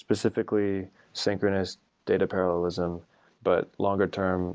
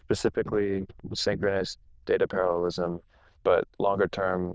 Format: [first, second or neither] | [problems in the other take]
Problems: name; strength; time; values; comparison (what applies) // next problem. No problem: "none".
first | noise reduction (neural diffusion model UNIVERSE++)